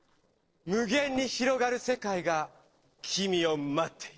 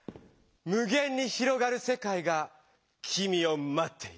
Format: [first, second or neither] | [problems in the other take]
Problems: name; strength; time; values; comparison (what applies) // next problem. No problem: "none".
second | noise reduction (neural separator model SepFormer DNS4)